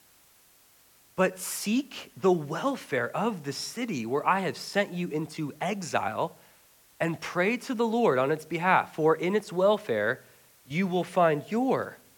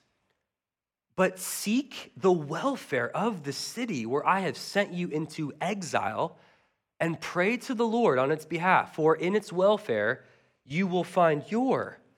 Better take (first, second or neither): second